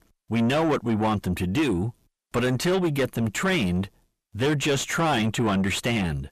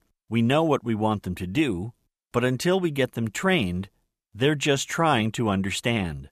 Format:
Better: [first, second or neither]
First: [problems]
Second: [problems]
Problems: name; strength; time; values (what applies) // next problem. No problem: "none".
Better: second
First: distortion; heavy; 6 dB below the speech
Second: none